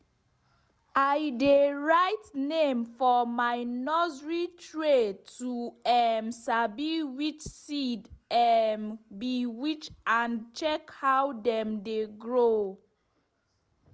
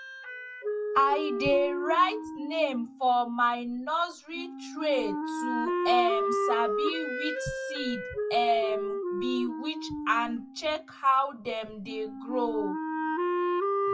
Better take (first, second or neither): first